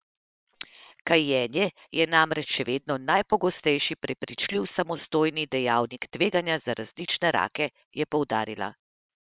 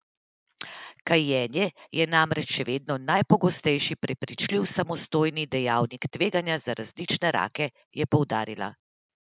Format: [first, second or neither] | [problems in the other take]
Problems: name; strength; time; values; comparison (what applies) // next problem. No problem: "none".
second | noise reduction (neural separator model SepFormer WHAM!)